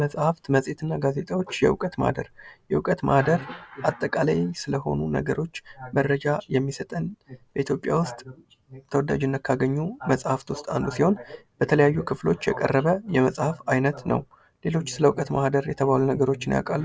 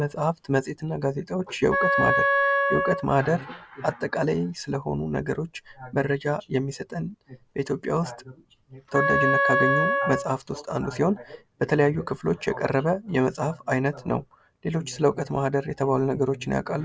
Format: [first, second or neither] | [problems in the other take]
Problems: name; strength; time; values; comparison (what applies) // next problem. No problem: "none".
first | background sound (Wind instrument, woodwind instrument); 2 dB above the speech